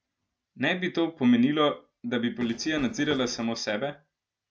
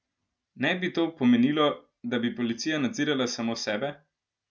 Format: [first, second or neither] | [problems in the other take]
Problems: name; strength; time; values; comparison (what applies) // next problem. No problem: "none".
second | background sound (Run); 13 dB below the speech